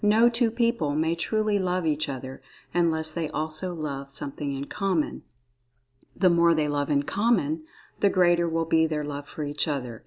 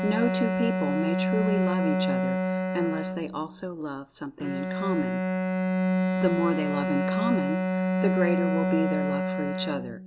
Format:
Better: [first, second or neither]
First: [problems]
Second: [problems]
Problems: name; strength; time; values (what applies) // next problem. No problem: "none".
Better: first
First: none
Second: background sound (Bowed string instrument); 4 dB above the speech